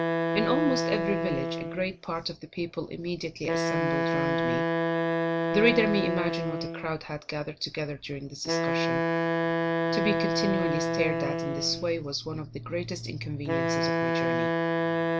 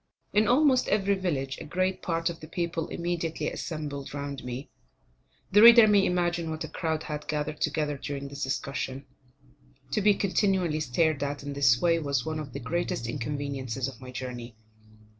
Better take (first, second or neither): second